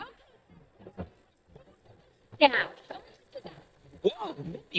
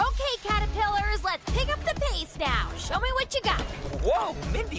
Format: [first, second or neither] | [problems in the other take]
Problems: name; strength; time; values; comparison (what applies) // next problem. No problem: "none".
second | noise reduction (neural mask model DeepFilterNet 3)